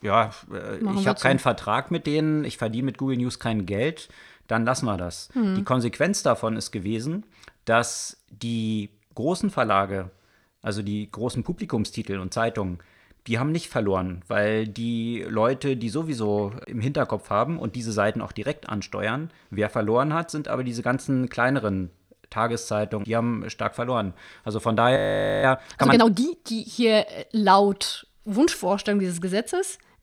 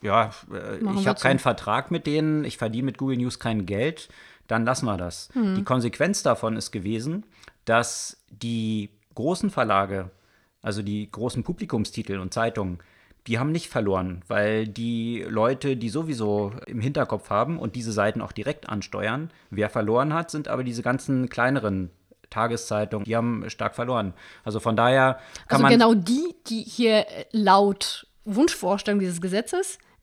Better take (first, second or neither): second